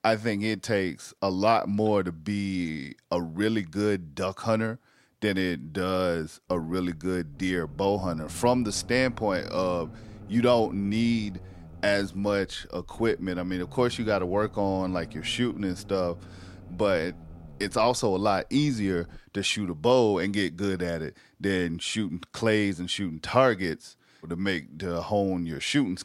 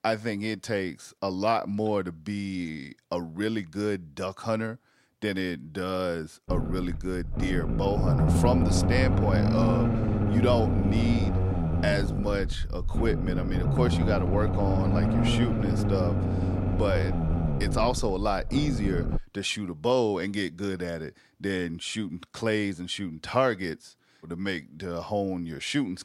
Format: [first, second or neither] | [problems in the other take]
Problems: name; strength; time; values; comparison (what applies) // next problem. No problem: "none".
first | low rumble; loud; from 6.5 to 19 s; 3 dB below the speech; faint in the first